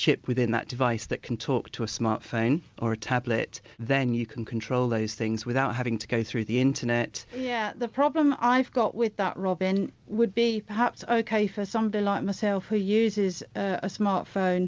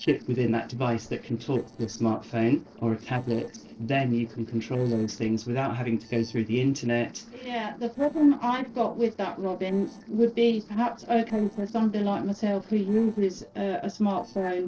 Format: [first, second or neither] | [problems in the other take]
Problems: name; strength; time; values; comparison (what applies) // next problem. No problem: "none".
first | noise reduction (neural separator model SepFormer DNS4)